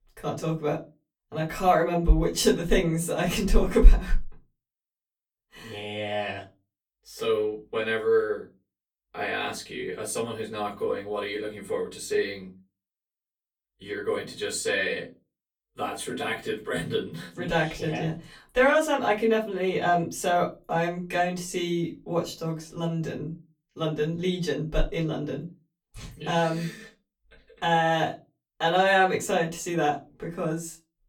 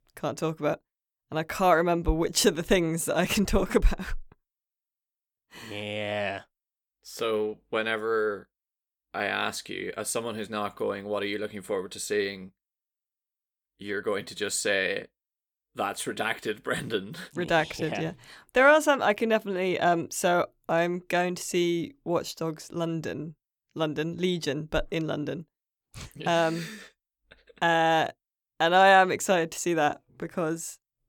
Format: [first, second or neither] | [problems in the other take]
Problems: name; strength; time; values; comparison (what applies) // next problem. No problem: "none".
second | off-mic speech; far // room echo; very slight; dies away in 0.2 s